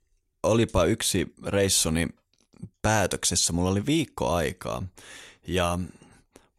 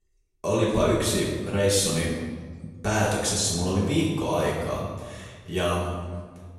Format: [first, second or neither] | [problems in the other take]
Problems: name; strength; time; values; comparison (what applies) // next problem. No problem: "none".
first | room echo; noticeable; dies away in 1.2 s // off-mic speech; far